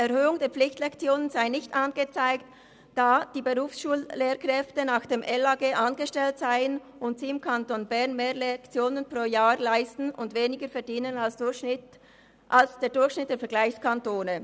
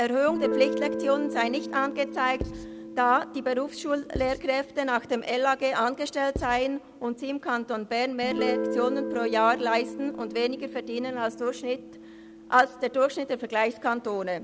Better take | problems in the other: first | background sound (Guitar + Writing); 8 dB below the speech

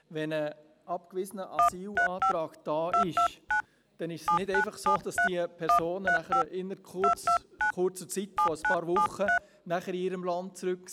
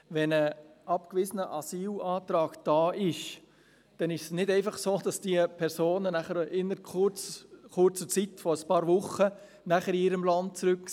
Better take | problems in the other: second | background sound (Telephone); 5 dB above the speech

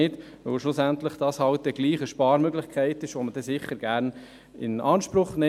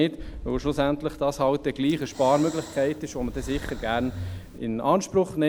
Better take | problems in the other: first | background sound (Breathing + Boom); 13 dB below the speech

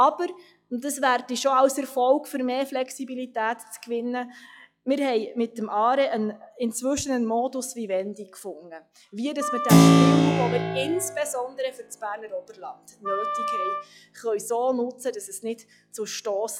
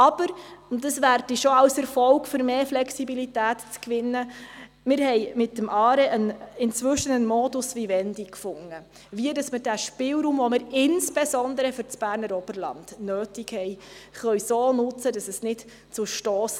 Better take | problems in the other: second | noise reduction (classical method log-MMSE)

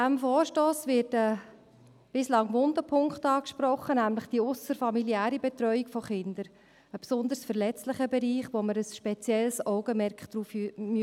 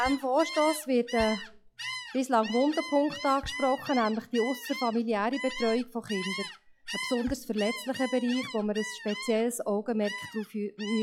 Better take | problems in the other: first | noise reduction (classical method log-MMSE)

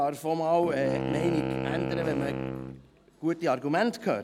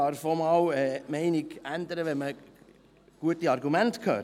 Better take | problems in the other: second | background sound (Wind instrument, woodwind instrument); 4 dB below the speech

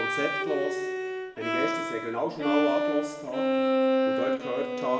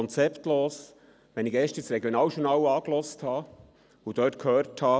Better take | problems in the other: second | background sound (Bowed string instrument); 5 dB above the speech // room echo; dies away in 0.8 s

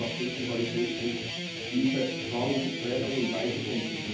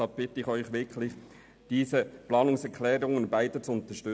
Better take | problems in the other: second | background sound (Guitar); 3 dB below the speech // room echo; dies away in 0.8 s

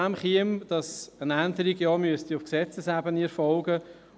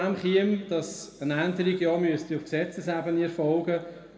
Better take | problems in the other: first | room echo; dies away in 1.7 s

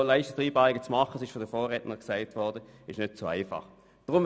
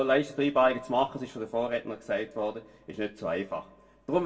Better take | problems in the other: first | room echo; dies away in 0.2 s

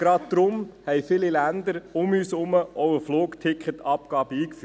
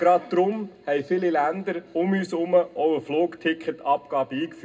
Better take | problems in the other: first | room echo; dies away in 0.2 s

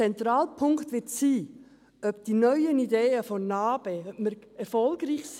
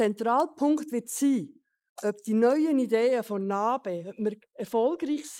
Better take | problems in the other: first | noise reduction (neural mask model Resemble Enhance denoiser)

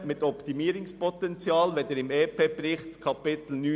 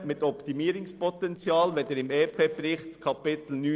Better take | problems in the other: first | noise reduction (neural separator model SepFormer DNS4)

